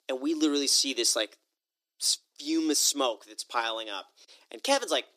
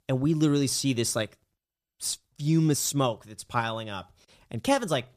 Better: second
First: thin; somewhat; fading below 300 Hz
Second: none

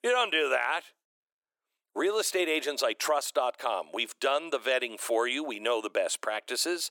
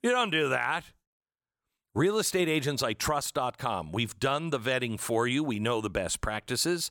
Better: second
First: thin; very; fading below 350 Hz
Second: none

